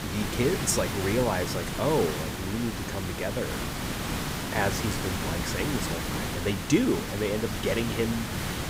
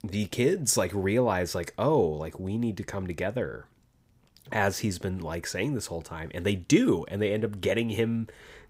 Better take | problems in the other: second | hiss; loud; throughout; 2 dB below the speech

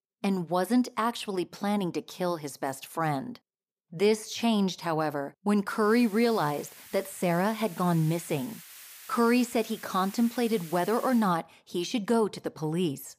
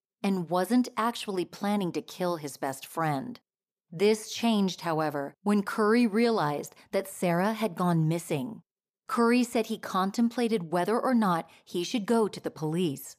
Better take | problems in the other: second | hiss; noticeable; from 6 to 11 s; 15 dB below the speech

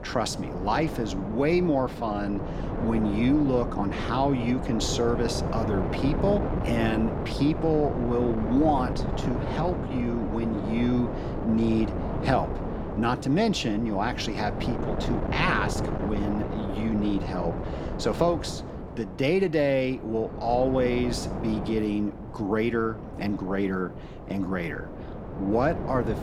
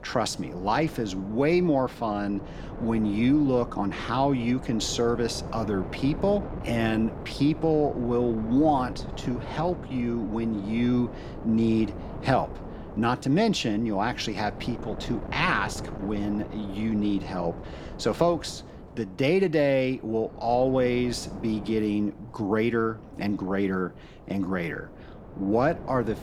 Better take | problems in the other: second | wind noise on the microphone; heavy; 7 dB below the speech; occasional gusts in the second

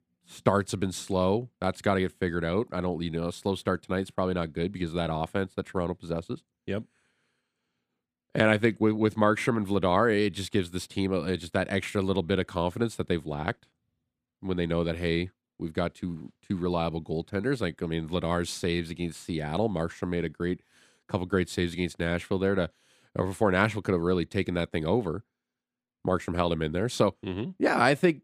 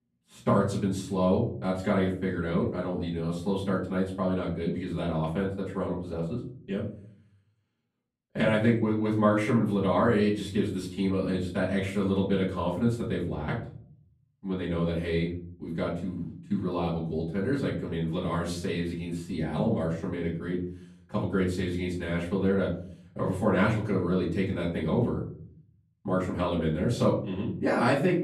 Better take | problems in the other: first | room echo; slight; dies away in 0.7 s // off-mic speech; far

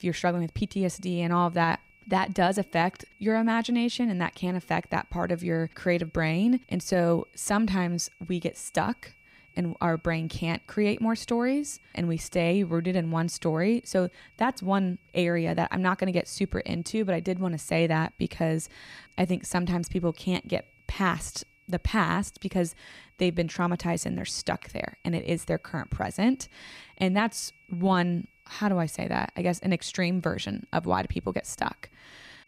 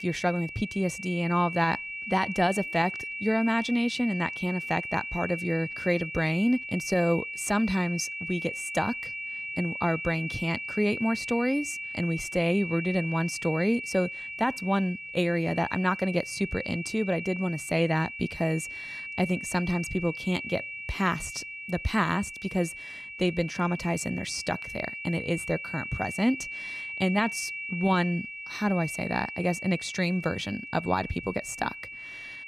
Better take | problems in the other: first | high-pitched whine; loud; throughout; 2.5 kHz, 6 dB below the speech; faint in the first

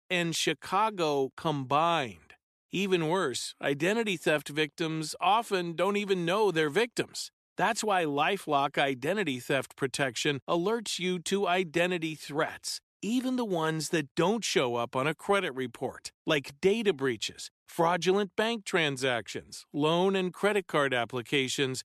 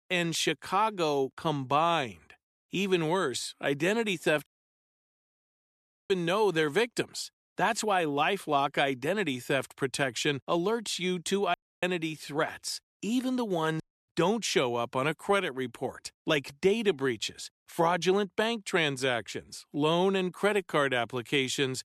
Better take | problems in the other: first | audio cutting out; at 4.5 s for 1.5 s, at 12 s and at 14 s

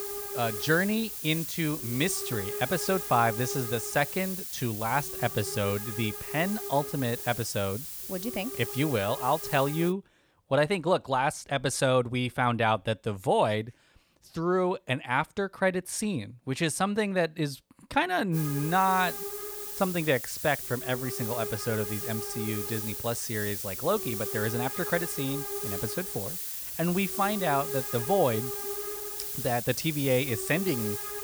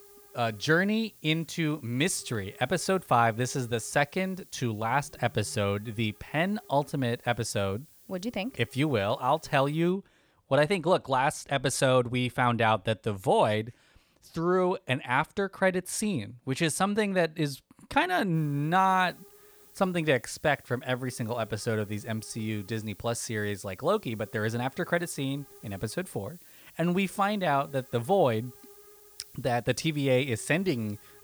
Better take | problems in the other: second | hiss; loud; until 10 s and from 18 s on; 5 dB below the speech; faint in the second

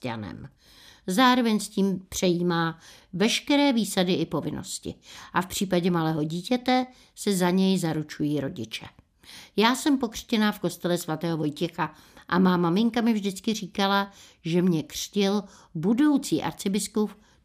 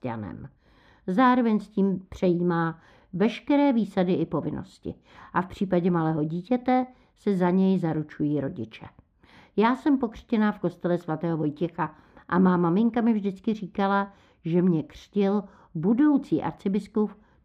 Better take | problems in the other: first | muffled; very; fading above 3.5 kHz

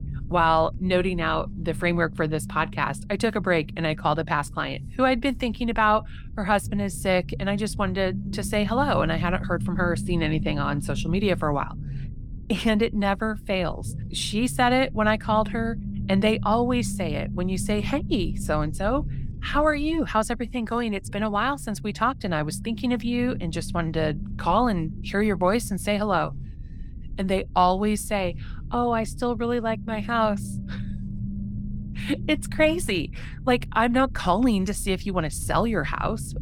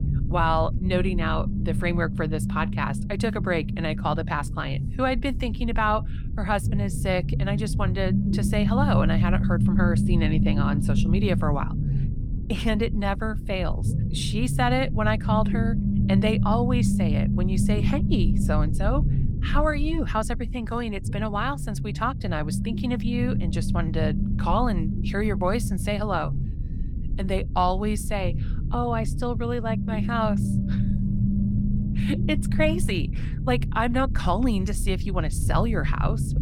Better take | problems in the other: first | low rumble; loud; throughout; 9 dB below the speech; faint in the first

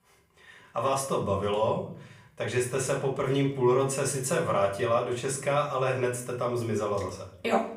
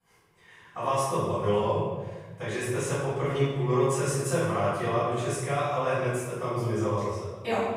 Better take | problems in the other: first | room echo; strong; dies away in 1.6 s; slight in the first // off-mic speech; far; far in the first

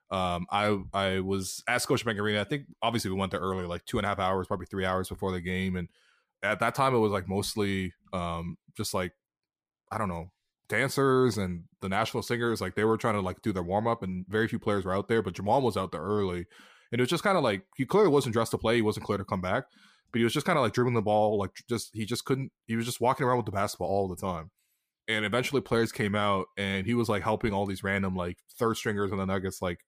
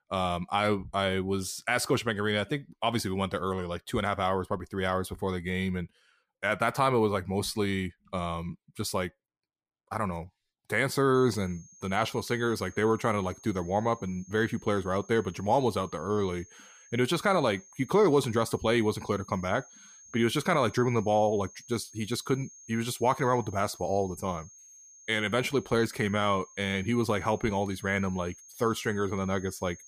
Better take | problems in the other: first | high-pitched whine; faint; from 11 s on; 6.5 kHz, 20 dB below the speech

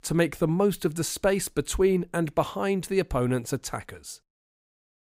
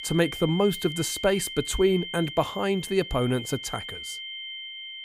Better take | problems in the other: first | high-pitched whine; loud; throughout; 3 kHz, 9 dB below the speech

